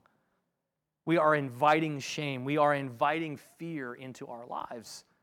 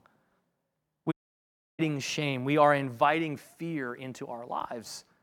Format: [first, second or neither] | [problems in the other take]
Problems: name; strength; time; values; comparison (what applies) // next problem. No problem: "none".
first | audio cutting out; at 1 s for 0.5 s